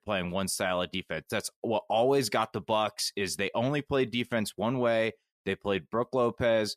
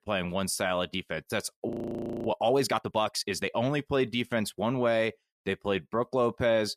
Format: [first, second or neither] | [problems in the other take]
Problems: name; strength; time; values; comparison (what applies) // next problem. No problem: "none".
first | audio freezing; at 1.5 s for 0.5 s